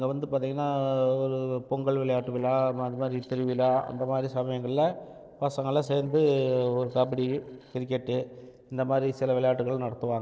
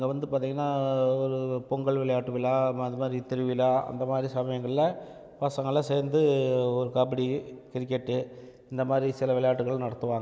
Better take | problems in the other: second | noise reduction (neural separator model SepFormer DNS4)

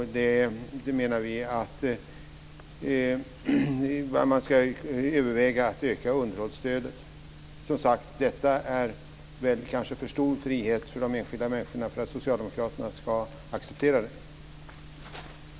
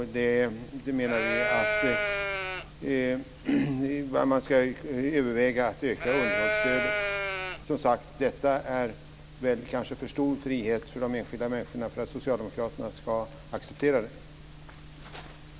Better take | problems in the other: first | background sound (Livestock, farm animals, working animals); 1 dB above the speech

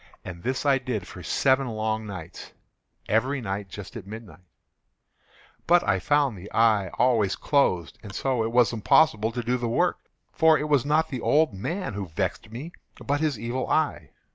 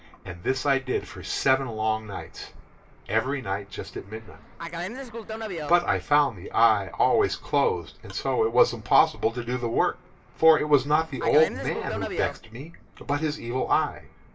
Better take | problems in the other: first | background sound (Fixed-wing aircraft, airplane); 14 dB below the speech // room echo; dies away in 0.2 s

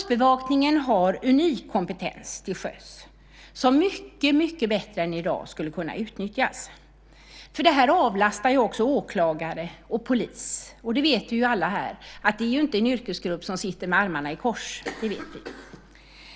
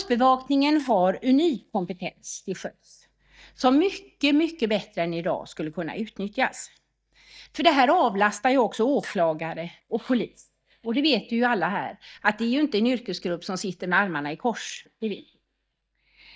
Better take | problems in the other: first | noise reduction (neural mask model DeepFilterNet 3)

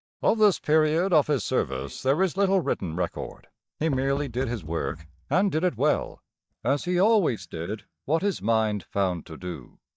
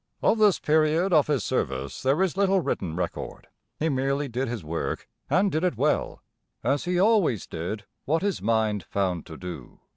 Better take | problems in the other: second | noise reduction (neural mask model DeepFilterNet 3)

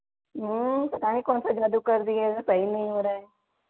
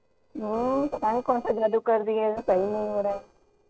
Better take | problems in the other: first | noise reduction (neural separator model SepFormer DNS4)

